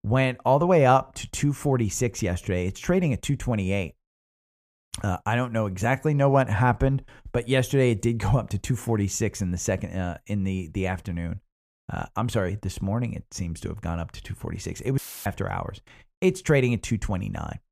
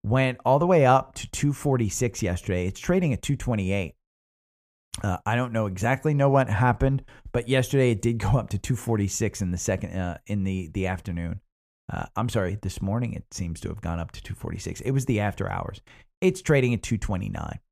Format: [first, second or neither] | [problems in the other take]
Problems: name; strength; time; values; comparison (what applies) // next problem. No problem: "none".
second | audio cutting out; filled with static; at 15 s